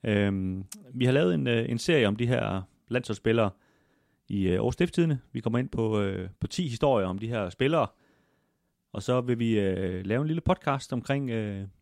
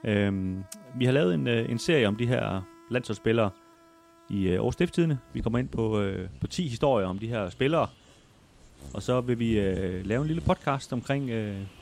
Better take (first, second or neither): first